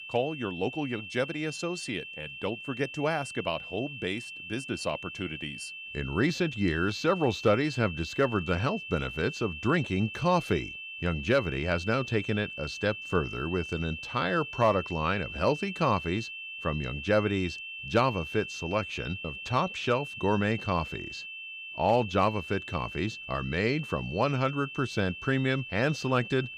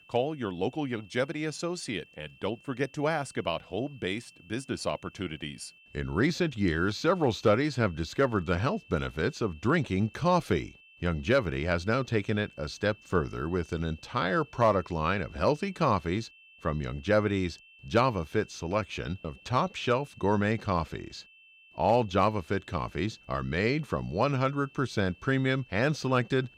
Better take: second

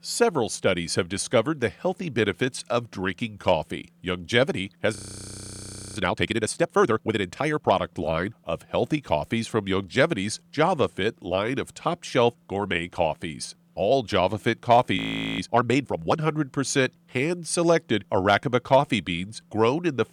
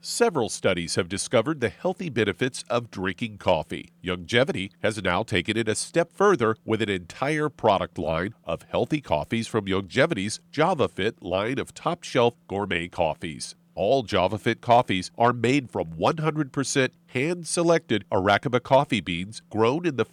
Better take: second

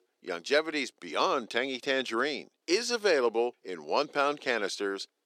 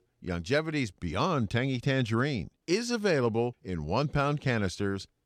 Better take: second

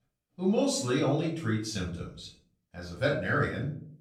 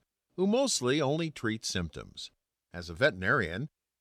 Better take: second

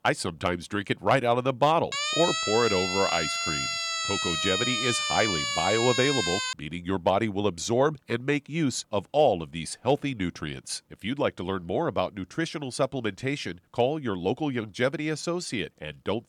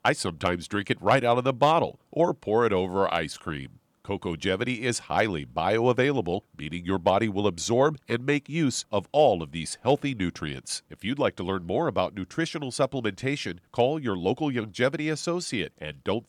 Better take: second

